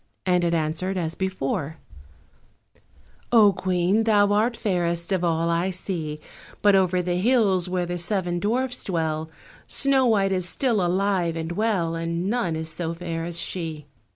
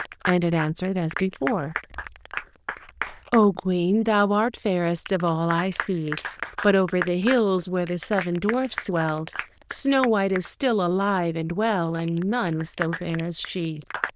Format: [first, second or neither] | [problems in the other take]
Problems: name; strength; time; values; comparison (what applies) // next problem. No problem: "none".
first | noise reduction (neural diffusion model UNIVERSE++)